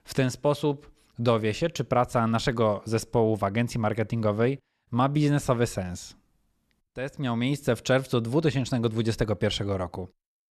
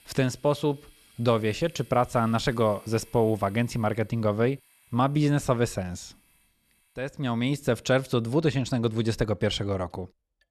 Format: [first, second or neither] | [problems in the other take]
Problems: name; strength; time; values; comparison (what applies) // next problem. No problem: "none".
first | household noises; faint; throughout; 30 dB below the speech